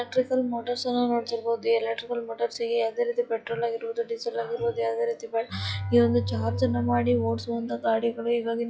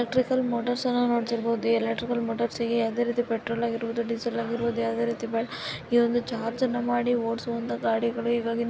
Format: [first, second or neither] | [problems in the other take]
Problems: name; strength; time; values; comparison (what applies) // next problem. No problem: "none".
second | noise reduction (classical method log-MMSE)